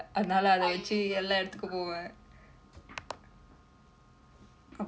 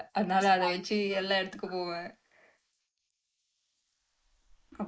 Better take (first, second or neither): first